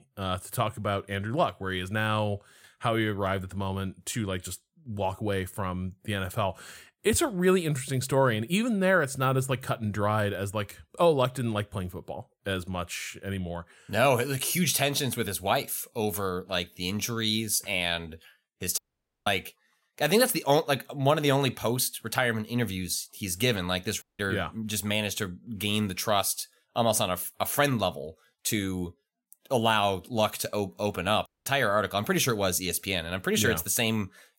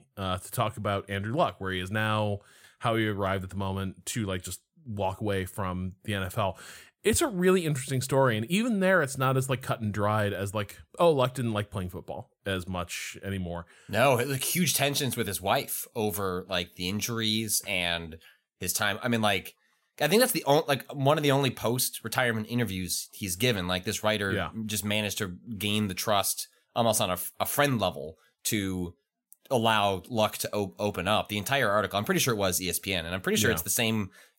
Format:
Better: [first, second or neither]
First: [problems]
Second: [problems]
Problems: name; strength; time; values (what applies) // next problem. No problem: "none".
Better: second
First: audio cutting out; at 19 s, at 24 s and at 31 s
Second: none